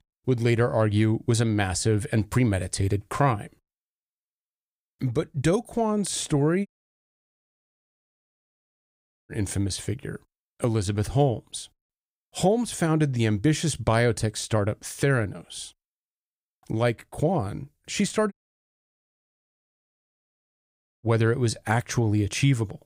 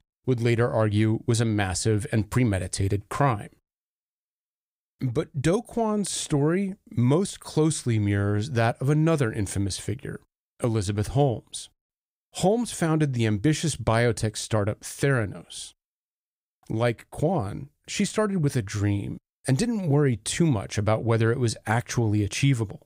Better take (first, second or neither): second